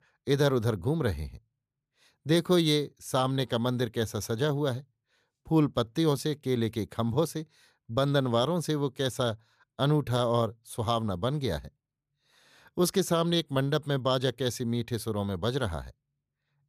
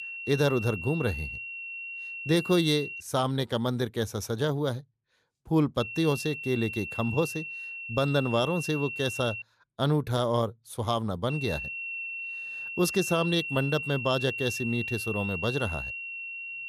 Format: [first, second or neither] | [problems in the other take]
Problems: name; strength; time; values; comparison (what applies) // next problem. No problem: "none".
first | high-pitched whine; loud; until 3 s, from 6 to 9.5 s and from 11 s on; 2.5 kHz, 6 dB below the speech